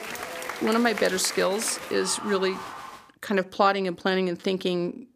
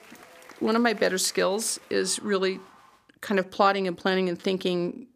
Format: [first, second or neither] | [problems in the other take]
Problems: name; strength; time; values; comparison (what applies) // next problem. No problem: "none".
second | crowd noise; loud; until 3 s; 10 dB below the speech; faint in the second